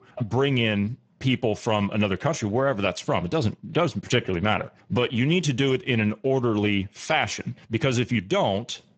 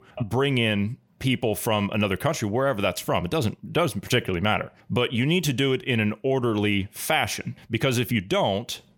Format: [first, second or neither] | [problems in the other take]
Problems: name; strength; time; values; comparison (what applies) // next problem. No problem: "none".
second | garbled, watery; badly; nothing above 7.5 kHz